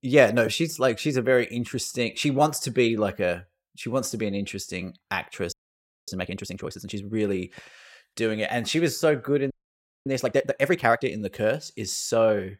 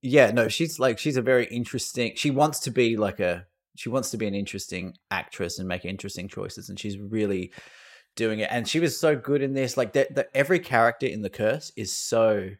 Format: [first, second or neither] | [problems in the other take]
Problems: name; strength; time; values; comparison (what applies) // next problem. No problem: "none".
second | audio freezing; at 5.5 s for 0.5 s and at 9.5 s for 0.5 s